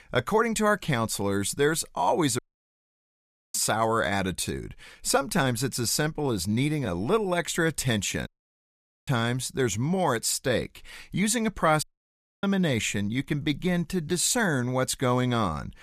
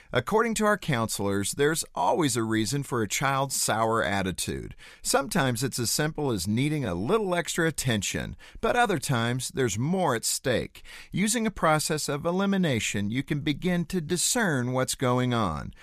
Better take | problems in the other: second | audio cutting out; at 2.5 s for 1 s, at 8.5 s for 1 s and at 12 s for 0.5 s

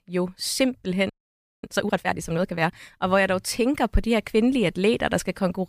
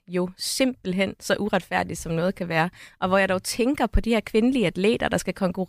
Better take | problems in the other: second | audio freezing; at 1 s for 0.5 s

